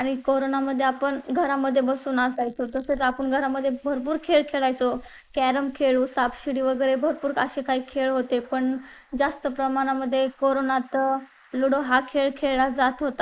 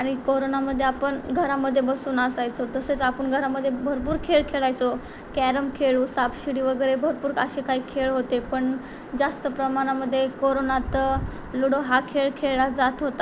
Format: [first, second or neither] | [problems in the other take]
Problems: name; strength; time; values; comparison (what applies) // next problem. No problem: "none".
second | noise reduction (neural mask model Resemble Enhance denoiser)